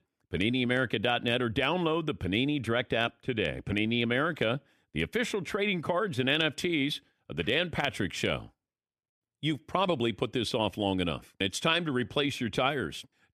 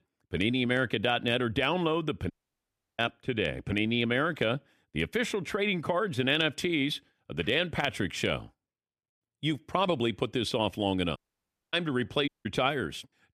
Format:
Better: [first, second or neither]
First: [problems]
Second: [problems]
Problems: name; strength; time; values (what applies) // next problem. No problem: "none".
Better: first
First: none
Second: audio cutting out; at 2.5 s for 0.5 s, at 11 s for 0.5 s and at 12 s